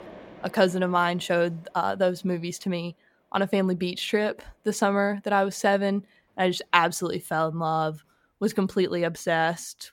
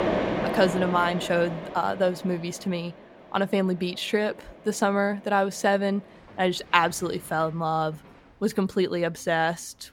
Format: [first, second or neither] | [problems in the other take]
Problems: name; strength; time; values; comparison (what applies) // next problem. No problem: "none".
first | machinery noise; loud; throughout; 7 dB below the speech; faint in the first